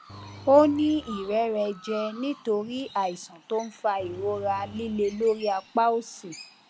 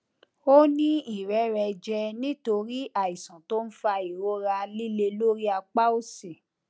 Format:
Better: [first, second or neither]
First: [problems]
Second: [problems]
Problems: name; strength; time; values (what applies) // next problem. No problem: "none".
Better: second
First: background sound (Engine + Chirp, tweet); 19 dB below the speech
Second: none